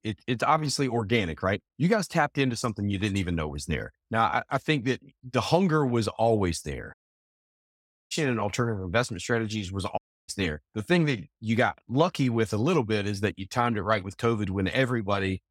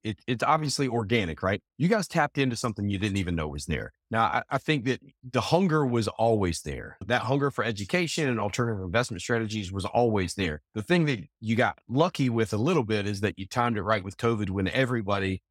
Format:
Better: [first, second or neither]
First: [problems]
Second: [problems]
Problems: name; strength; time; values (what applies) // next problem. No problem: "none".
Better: second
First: audio cutting out; at 7 s for 1 s and at 10 s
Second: none